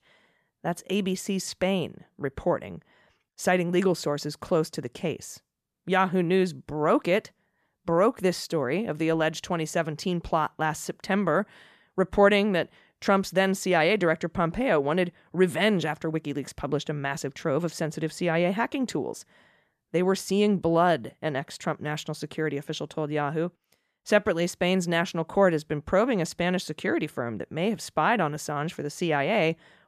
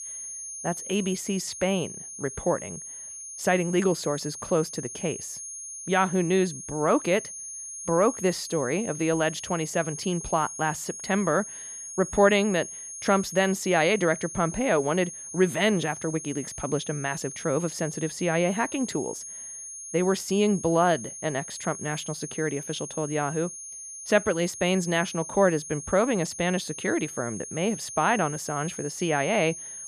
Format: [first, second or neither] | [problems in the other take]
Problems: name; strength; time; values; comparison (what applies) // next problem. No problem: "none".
first | high-pitched whine; loud; throughout; 6.5 kHz, 10 dB below the speech